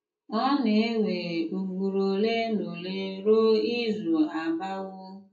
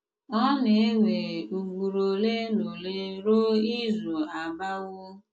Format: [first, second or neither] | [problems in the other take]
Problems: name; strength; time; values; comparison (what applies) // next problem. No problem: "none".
second | room echo; dies away in 0.3 s